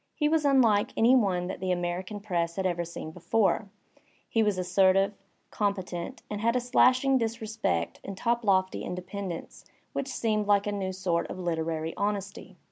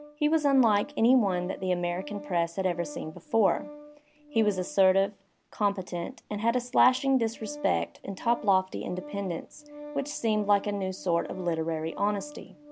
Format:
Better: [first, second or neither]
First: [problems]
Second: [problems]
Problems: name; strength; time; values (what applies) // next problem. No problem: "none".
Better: first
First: none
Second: background sound (Organ); 17 dB below the speech